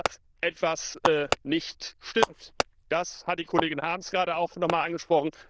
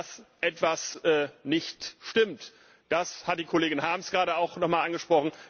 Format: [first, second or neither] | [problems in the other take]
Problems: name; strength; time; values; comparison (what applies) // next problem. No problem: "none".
second | noise reduction (neural diffusion model UNIVERSE++)